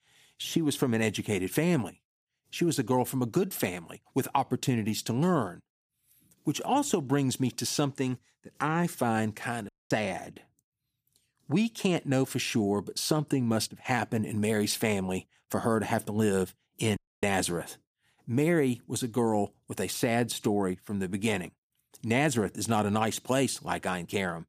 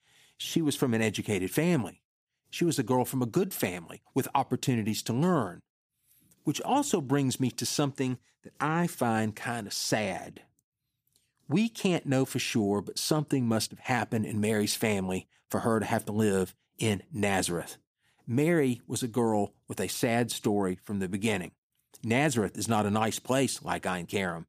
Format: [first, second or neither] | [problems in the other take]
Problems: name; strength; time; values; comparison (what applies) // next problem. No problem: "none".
second | audio cutting out; at 9.5 s and at 17 s